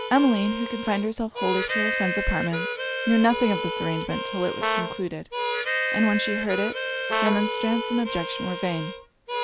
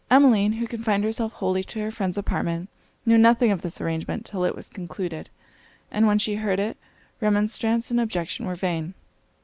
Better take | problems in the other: second | background sound (Brass instrument + Harmonica); 3 dB below the speech

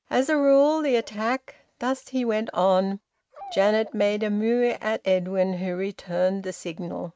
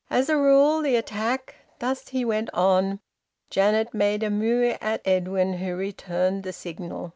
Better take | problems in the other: second | noise reduction (neural mask model RNNoise)

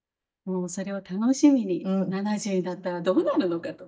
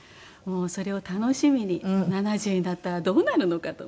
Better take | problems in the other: second | noise reduction (neural mask model DeepFilterNet 3)

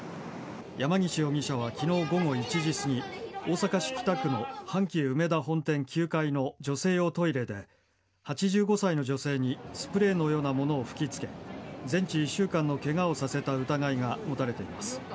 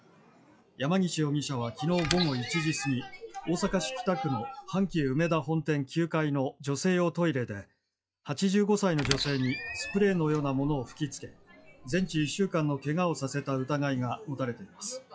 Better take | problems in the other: first | noise reduction (classical method log-MMSE)

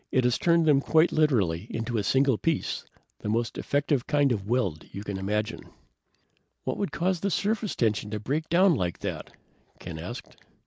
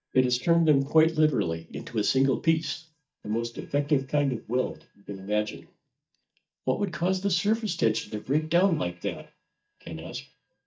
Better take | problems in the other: first | noise reduction (neural mask model DeepFilterNet 3)

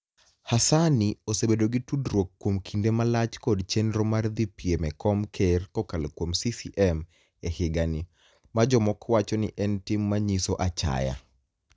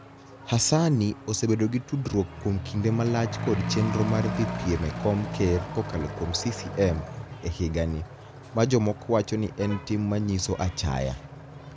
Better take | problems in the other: first | background sound (Accelerating, revving, vroom / Truck); 9 dB below the speech

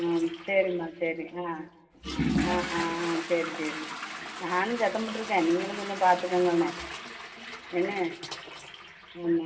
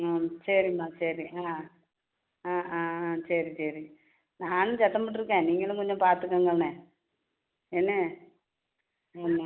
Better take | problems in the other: second | background sound (Toilet flush / Water); 7 dB below the speech // room echo; dies away in 2.2 s

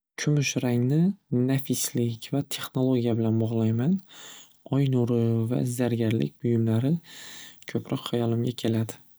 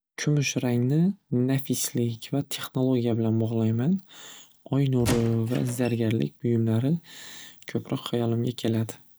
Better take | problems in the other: first | background sound (Squeak / Wood); 9 dB below the speech

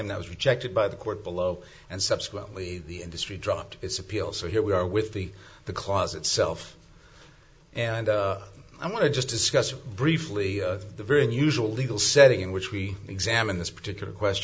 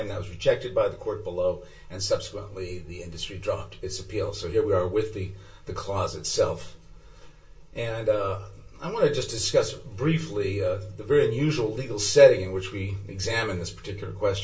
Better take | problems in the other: first | room echo; dies away in 0.2 s

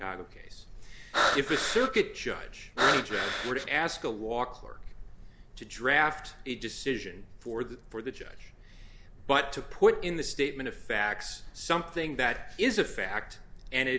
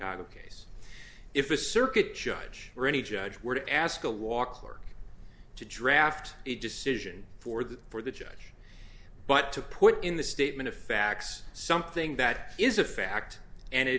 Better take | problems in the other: second | background sound (Breathing); 1 dB above the speech

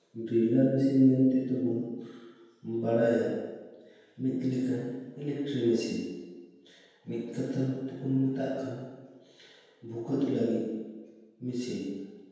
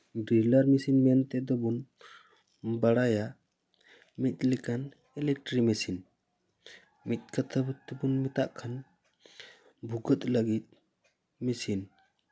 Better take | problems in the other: second | room echo; dies away in 1.2 s

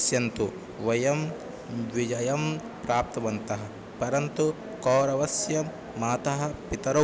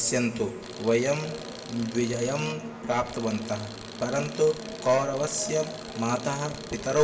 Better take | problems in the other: first | background sound (Tools); 17 dB below the speech // room echo; dies away in 0.7 s

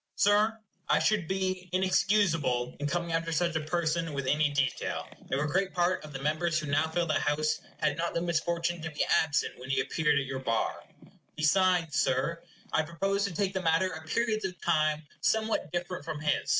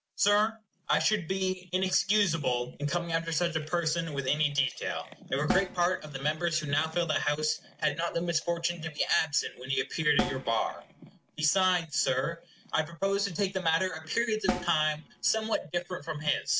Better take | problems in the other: first | background sound (Snare drum); 8 dB below the speech

